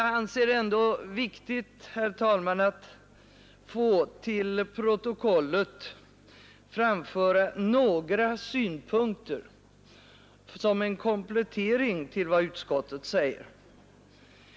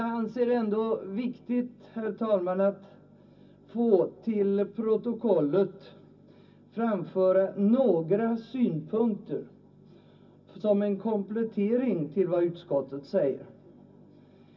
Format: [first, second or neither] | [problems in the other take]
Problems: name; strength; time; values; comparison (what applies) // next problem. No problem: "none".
first | room echo; dies away in 0.4 s